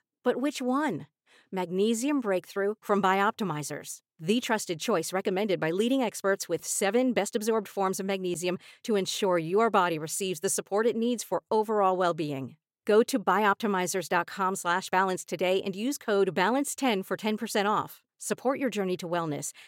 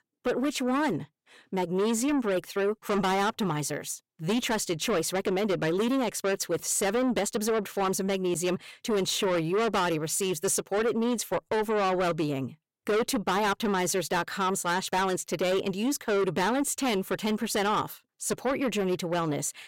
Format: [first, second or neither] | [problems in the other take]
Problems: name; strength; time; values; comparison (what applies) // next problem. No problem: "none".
first | distortion; heavy; 7 dB below the speech